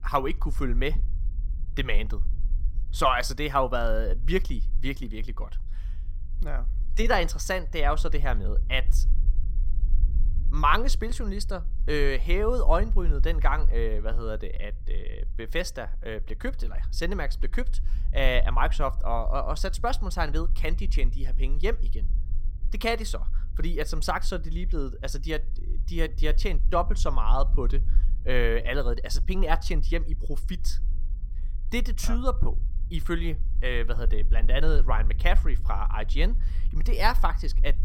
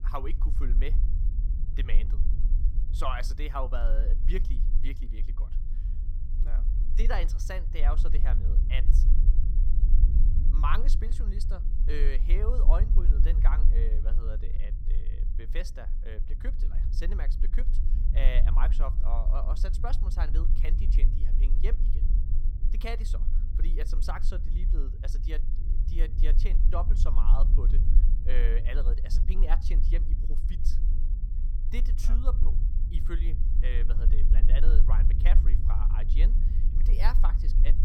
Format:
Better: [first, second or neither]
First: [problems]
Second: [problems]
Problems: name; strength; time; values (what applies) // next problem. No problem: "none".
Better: first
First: low rumble; faint; throughout; 25 dB below the speech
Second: low rumble; loud; throughout; 10 dB below the speech